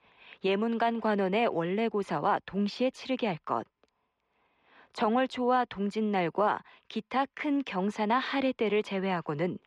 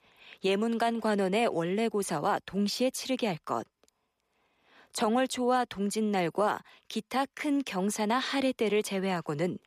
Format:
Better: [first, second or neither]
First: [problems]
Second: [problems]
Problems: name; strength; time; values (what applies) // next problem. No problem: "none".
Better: second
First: muffled; slightly; fading above 2.5 kHz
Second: none